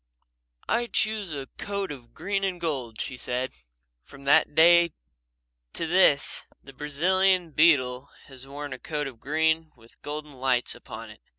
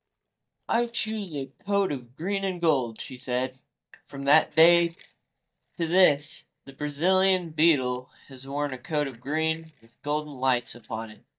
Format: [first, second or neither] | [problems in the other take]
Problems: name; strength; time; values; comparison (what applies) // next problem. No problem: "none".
first | noise reduction (neural mask model DeepFilterNet 3)